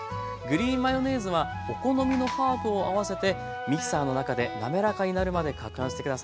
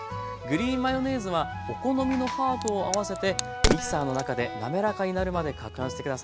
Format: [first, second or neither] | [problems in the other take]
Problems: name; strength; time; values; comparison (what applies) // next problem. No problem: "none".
first | background sound (Crack); 7 dB below the speech